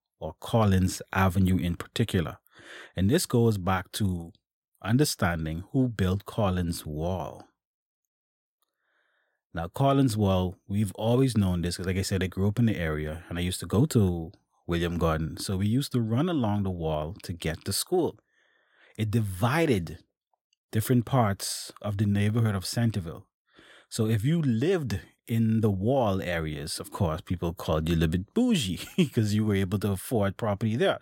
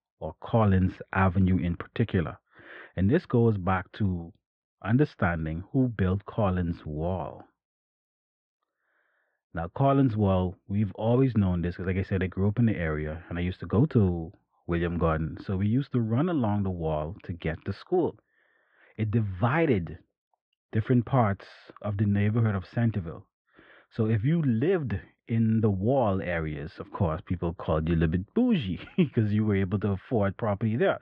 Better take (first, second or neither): first